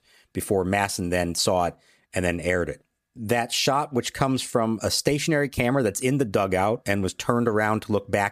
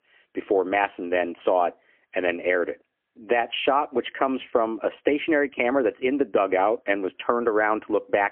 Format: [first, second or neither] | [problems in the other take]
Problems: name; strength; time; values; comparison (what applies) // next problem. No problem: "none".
first | phone-call audio; poor line; nothing above 3 kHz